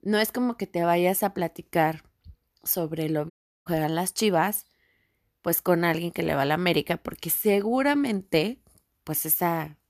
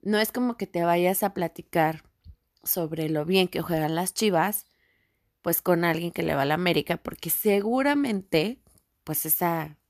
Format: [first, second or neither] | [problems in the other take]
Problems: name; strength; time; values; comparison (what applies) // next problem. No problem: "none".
second | audio cutting out; at 3.5 s